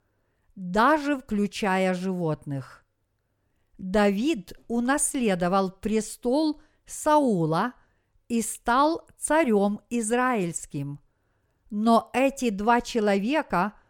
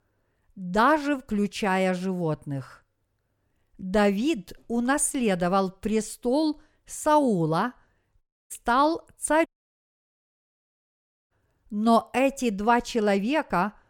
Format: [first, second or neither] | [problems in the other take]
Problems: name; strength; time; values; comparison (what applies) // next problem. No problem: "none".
first | audio cutting out; at 8 s and at 9.5 s for 2 s